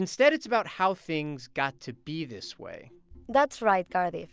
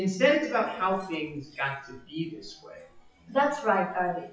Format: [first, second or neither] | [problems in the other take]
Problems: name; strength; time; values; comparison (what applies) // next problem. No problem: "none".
first | noise reduction (classical method WPE with log-MMSE)